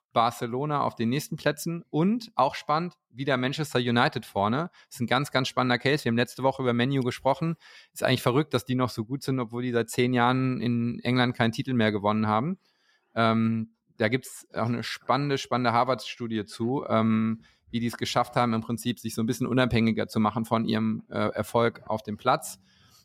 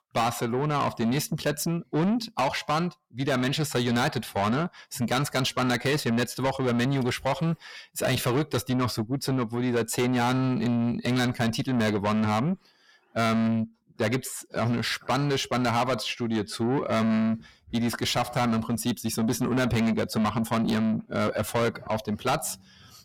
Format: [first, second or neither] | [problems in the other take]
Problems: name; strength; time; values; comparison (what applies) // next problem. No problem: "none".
first | distortion; heavy; 6 dB below the speech